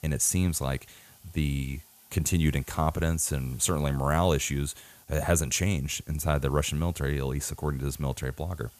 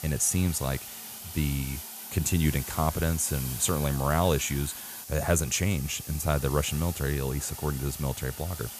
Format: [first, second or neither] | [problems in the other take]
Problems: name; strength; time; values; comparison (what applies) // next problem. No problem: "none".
first | hiss; loud; throughout; 9 dB below the speech; faint in the first